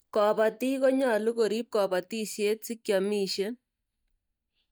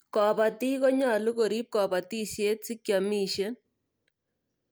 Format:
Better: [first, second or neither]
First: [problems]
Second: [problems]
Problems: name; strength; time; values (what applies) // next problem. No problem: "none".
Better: second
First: noise reduction (neural mask model DeepFilterNet 3)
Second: none